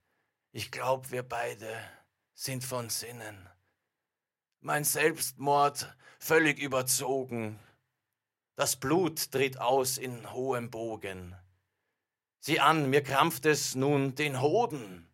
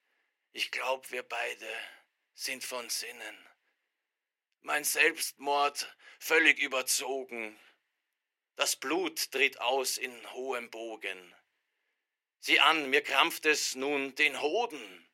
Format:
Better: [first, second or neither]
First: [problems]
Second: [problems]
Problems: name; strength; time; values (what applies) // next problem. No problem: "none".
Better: first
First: none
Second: thin; somewhat; fading below 300 Hz